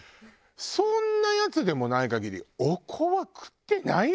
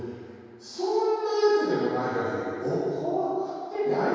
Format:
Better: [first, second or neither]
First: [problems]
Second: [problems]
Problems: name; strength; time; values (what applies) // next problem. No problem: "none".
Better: first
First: none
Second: room echo; dies away in 2.2 s